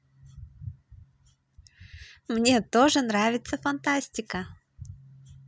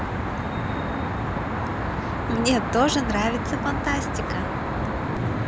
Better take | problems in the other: first | background sound (Traffic noise, roadway noise); 2 dB above the speech

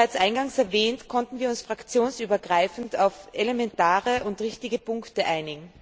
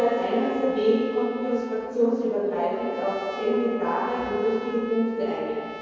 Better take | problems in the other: first | background sound (Trumpet); 16 dB below the speech // room echo; dies away in 2.2 s

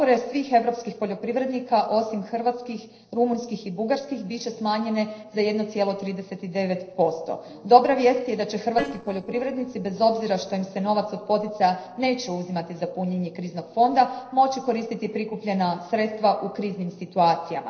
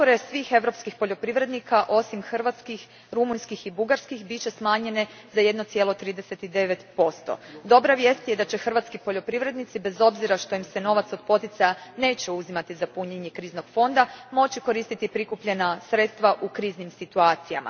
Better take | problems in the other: second | noise reduction (neural separator model SepFormer DNS4)

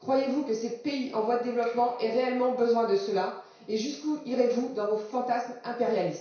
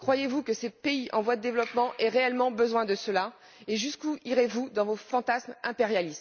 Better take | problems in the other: second | room echo; dies away in 0.6 s

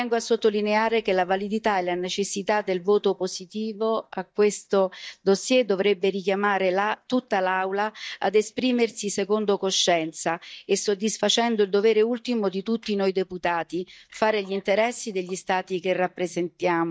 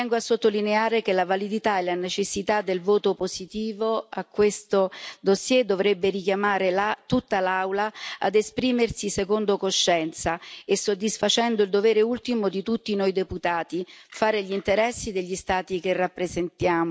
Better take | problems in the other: second | noise reduction (neural mask model DeepFilterNet 3)

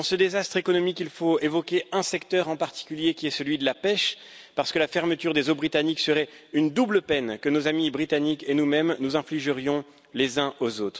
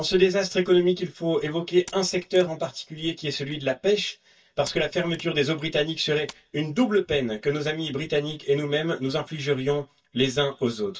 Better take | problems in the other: first | noise reduction (neural mask model DeepFilterNet 3)

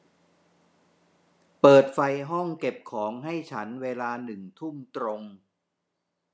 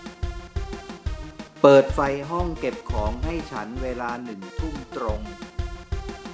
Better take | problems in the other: first | background sound (Drum kit); 6 dB below the speech

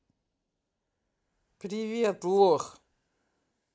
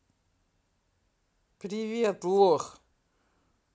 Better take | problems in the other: second | noise reduction (neural mask model Resemble Enhance denoiser)

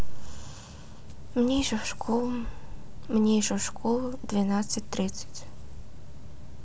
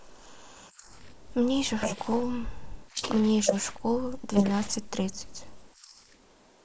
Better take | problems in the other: first | noise reduction (neural mask model Resemble Enhance denoiser)

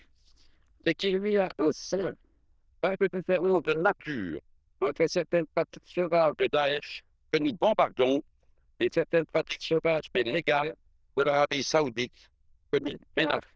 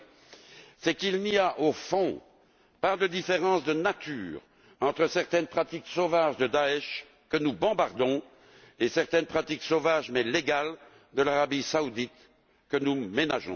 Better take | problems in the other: second | noise reduction (neural diffusion model UNIVERSE++)

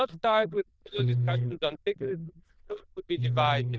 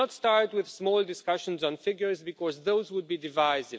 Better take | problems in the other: second | noise reduction (neural diffusion model UNIVERSE++)

